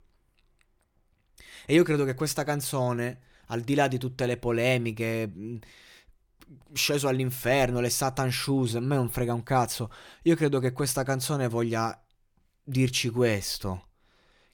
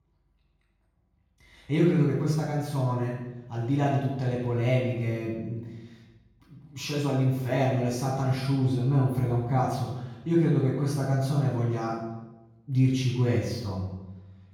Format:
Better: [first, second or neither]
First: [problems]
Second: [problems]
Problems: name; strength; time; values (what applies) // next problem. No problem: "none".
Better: first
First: none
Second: room echo; strong; dies away in 1.3 s // off-mic speech; far